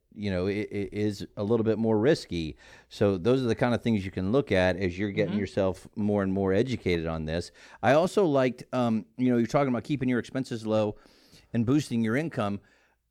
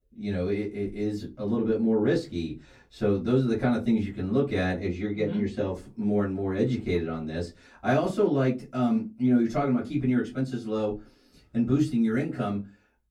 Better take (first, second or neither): first